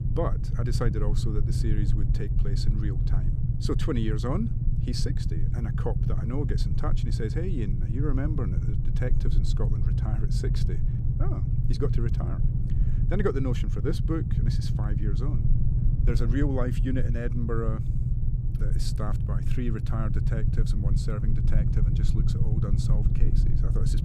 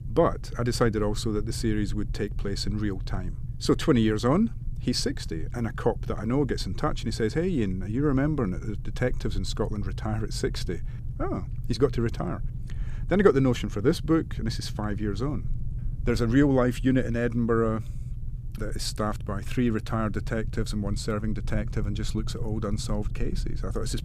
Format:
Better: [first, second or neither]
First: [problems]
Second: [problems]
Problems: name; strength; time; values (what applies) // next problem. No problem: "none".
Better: second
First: low rumble; loud; throughout; 4 dB below the speech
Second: low rumble; faint; throughout; 20 dB below the speech